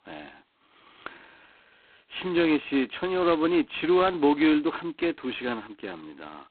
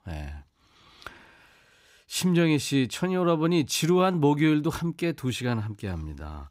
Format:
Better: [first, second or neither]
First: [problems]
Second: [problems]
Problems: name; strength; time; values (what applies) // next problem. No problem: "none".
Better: second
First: phone-call audio; poor line; nothing above 4 kHz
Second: none